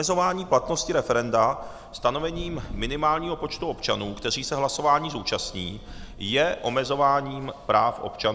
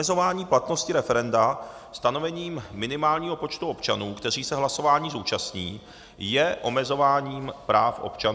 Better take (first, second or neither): second